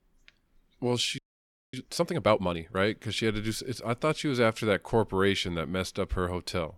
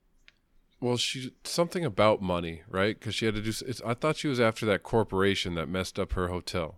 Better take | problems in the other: second | audio freezing; at 1 s for 0.5 s

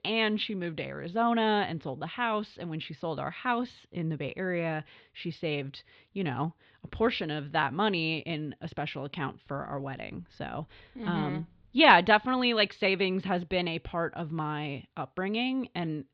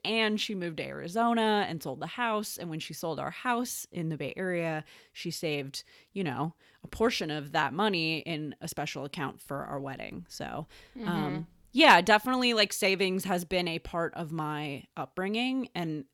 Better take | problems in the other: second | muffled; very slightly; fading above 4 kHz

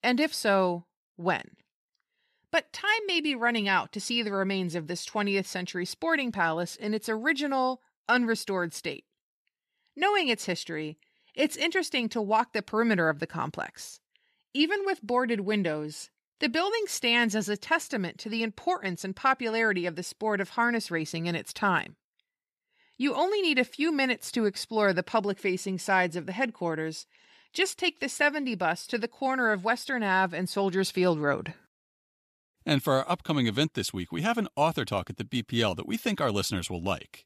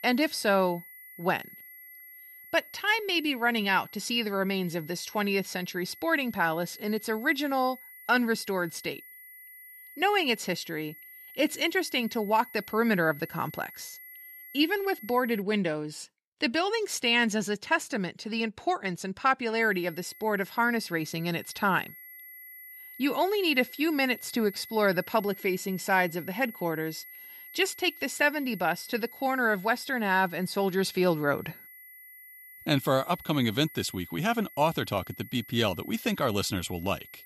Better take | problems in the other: first | high-pitched whine; noticeable; until 15 s and from 20 s on; 11.5 kHz, 15 dB below the speech

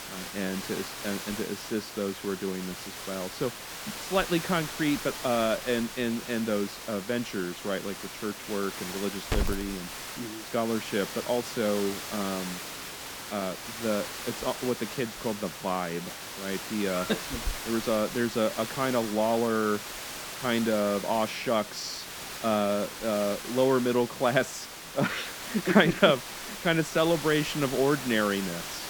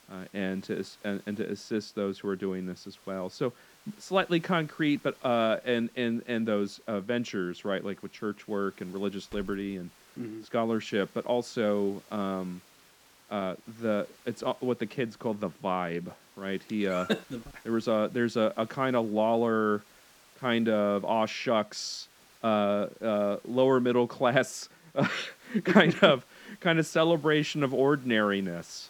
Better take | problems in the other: second | hiss; loud; throughout; 8 dB below the speech; faint in the second

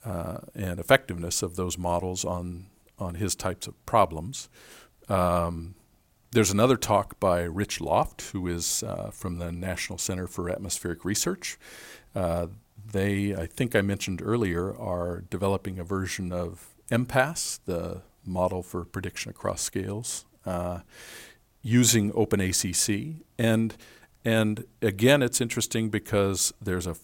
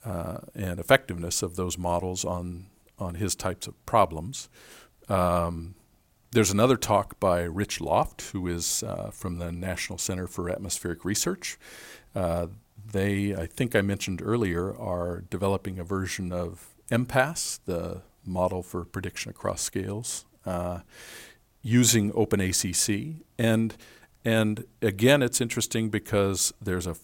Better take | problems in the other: neither | none

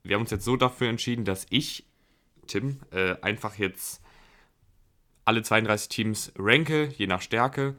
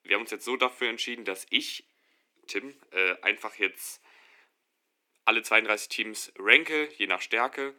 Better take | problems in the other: first | thin; somewhat; fading below 300 Hz

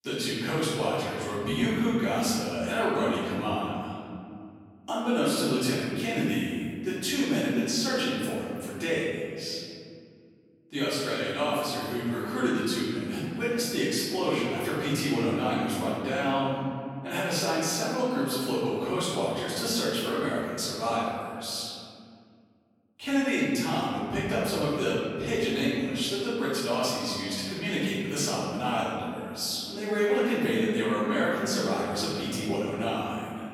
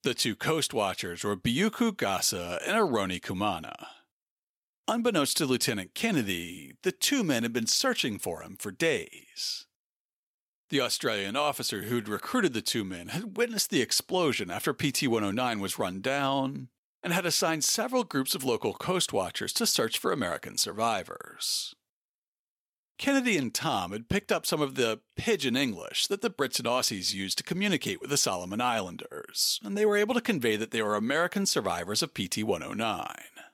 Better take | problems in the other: second | off-mic speech; far // room echo; strong; dies away in 2.6 s

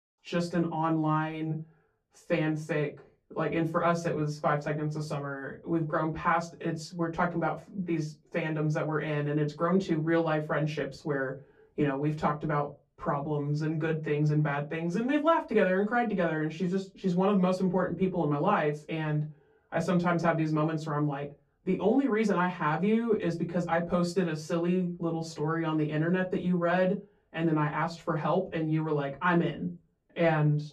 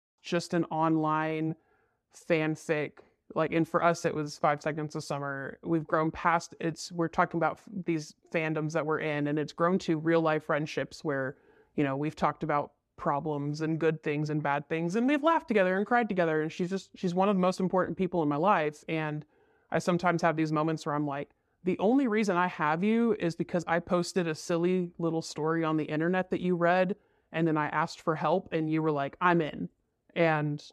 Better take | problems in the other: second | off-mic speech; far // room echo; very slight; dies away in 0.2 s

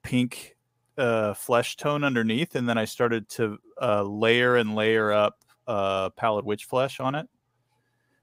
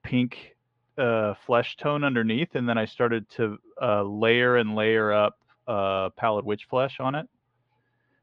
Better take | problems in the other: first | muffled; slightly; fading above 3.5 kHz

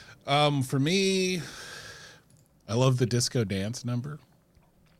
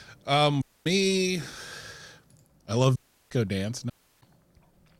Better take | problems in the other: first | audio cutting out; at 0.5 s, at 3 s and at 4 s

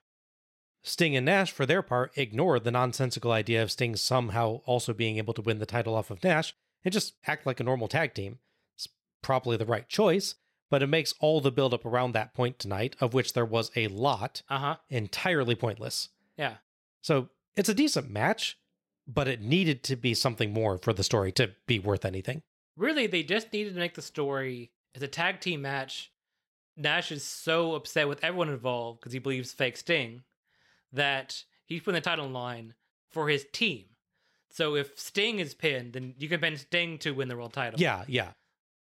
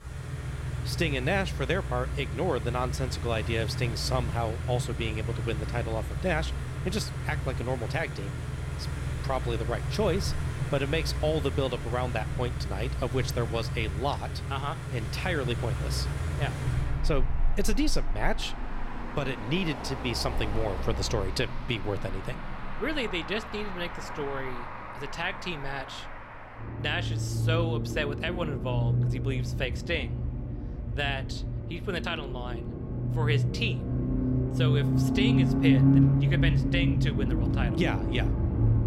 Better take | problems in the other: first | traffic noise; very loud; throughout; 1 dB above the speech

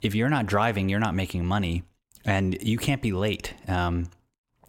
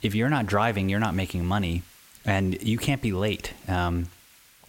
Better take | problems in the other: first | hiss; faint; throughout; 25 dB below the speech

